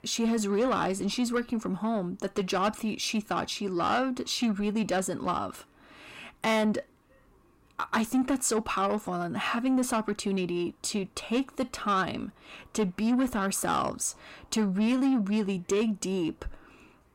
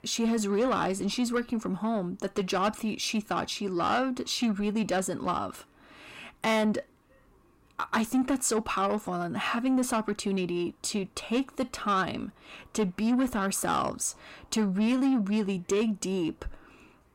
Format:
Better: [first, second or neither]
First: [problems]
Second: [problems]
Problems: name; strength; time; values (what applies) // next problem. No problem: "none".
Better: neither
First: distortion; slight; 10 dB below the speech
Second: distortion; slight; 10 dB below the speech